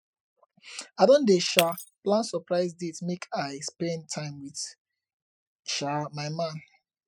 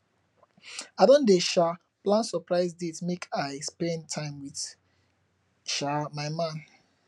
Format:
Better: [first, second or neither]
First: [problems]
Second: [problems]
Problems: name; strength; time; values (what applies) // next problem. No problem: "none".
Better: second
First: noise reduction (classical method spectral subtraction)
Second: none